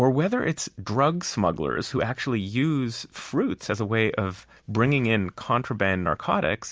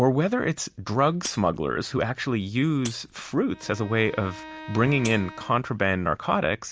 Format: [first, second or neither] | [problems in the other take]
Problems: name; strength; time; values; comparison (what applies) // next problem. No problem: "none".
first | background sound (Bowed string instrument + Shatter); 18 dB below the speech